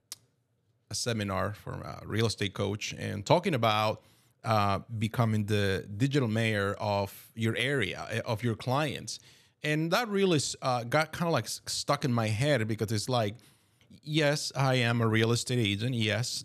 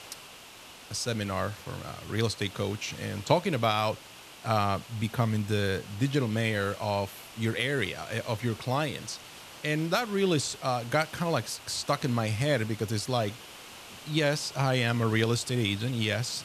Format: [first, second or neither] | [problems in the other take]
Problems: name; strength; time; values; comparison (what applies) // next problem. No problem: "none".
first | hiss; noticeable; throughout; 15 dB below the speech